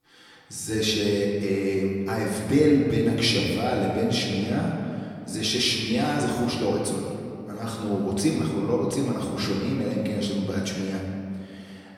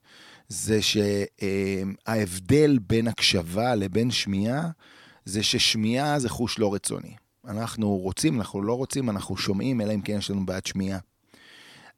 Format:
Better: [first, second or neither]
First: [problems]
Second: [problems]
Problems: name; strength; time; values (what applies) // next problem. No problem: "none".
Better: second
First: off-mic speech; far // room echo; noticeable; dies away in 2.1 s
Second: none